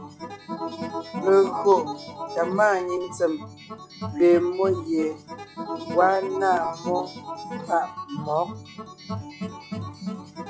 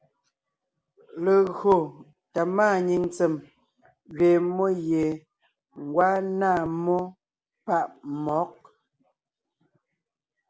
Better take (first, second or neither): second